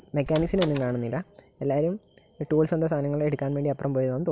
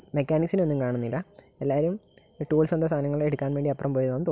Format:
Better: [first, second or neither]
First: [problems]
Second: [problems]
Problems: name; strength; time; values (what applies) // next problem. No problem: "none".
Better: second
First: background sound (Door); 12 dB below the speech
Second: none